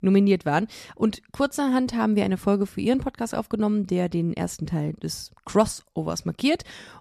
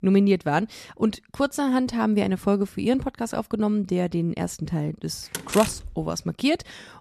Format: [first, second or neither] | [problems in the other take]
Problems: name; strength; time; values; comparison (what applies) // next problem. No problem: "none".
first | door banging; noticeable; at 5.5 s; peak 5 dB below the speech